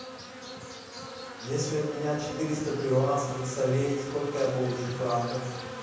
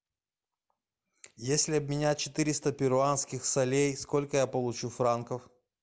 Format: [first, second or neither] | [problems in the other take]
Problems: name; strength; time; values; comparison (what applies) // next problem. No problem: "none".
second | background sound (Insect); 10 dB below the speech // room echo; dies away in 1.1 s